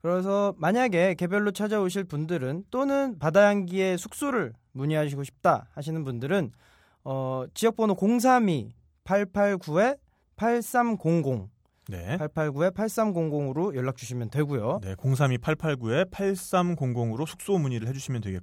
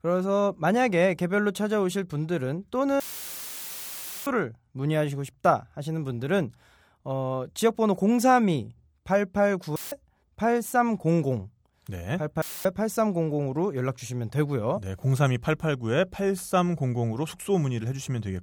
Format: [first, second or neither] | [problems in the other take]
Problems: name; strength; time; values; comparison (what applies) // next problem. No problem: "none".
first | audio cutting out; filled with static; at 3 s for 1.5 s, at 10 s and at 12 s